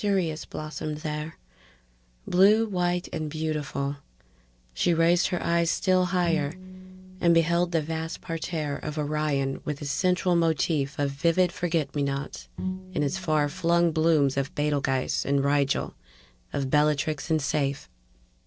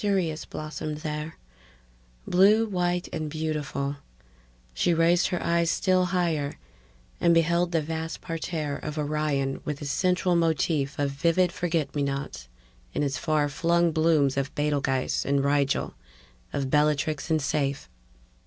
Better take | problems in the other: second | noise reduction (neural separator model SepFormer DNS4)

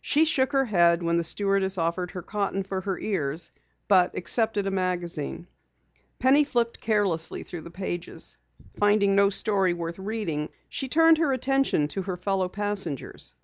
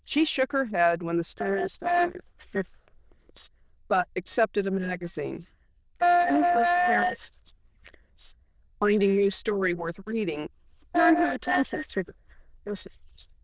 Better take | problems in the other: first | noise reduction (neural diffusion model UNIVERSE++)

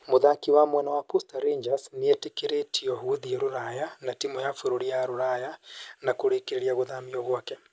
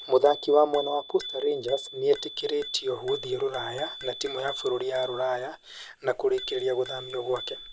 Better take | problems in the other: first | background sound (Bicycle bell); 14 dB below the speech

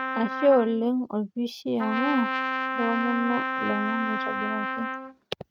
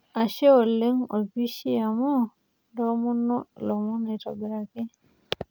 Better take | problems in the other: second | noise reduction (neural mask model RNNoise)

